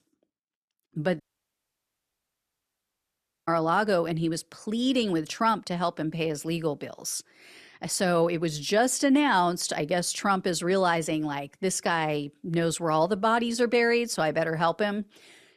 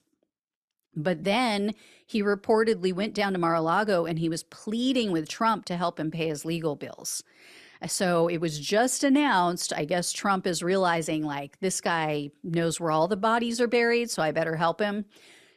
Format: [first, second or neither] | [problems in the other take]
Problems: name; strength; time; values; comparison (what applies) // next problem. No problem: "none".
second | audio cutting out; at 1 s for 2.5 s